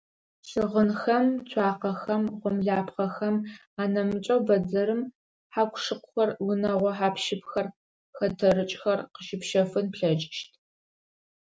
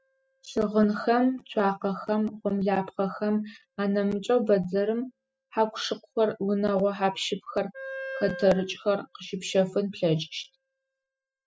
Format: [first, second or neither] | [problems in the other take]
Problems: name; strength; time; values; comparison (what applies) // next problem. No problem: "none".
first | noise reduction (classical method spectral subtraction)